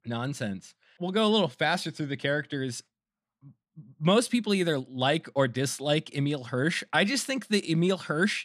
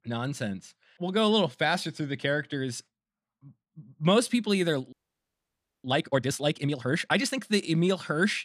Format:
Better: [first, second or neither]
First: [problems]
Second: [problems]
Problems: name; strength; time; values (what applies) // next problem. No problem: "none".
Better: first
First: none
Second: audio freezing; at 5 s for 1 s